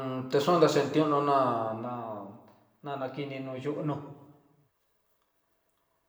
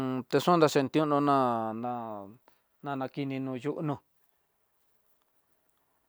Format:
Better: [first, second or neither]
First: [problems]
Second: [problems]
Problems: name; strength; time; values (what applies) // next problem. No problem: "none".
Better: second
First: room echo; dies away in 0.9 s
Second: none